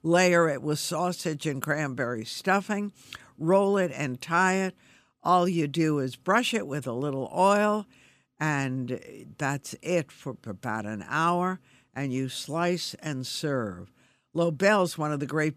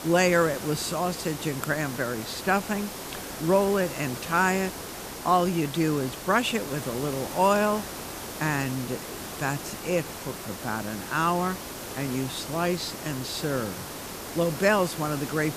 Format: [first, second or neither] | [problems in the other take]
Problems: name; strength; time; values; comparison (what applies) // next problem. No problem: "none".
first | hiss; loud; throughout; 9 dB below the speech